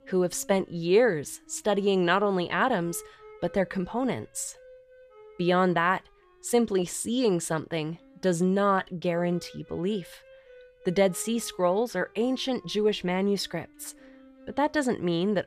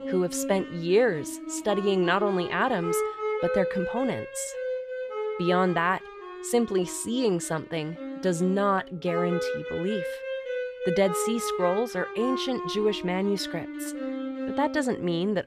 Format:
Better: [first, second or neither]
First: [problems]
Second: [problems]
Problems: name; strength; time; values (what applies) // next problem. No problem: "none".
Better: first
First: background music; faint; throughout; 25 dB below the speech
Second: background music; loud; throughout; 6 dB below the speech